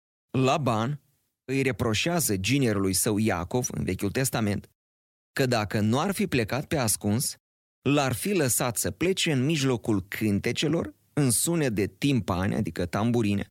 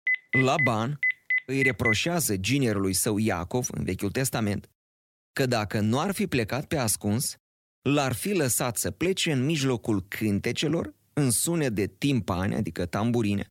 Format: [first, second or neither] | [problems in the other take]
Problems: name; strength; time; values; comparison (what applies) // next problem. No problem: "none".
first | phone ringing; loud; until 2 s; peak 2 dB above the speech